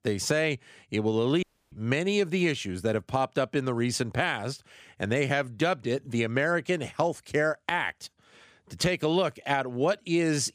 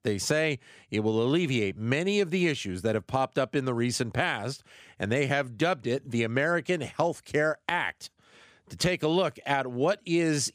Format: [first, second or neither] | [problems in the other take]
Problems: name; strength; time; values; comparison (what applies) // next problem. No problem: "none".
second | audio cutting out; at 1.5 s